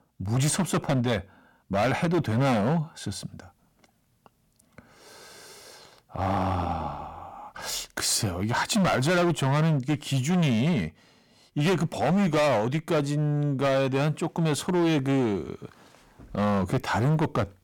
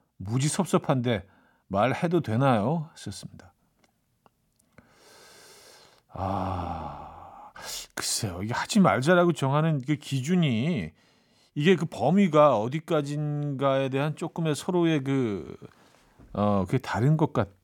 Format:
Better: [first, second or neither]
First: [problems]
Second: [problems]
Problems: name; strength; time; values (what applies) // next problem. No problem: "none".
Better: second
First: distortion; heavy; 13% of the sound clipped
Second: none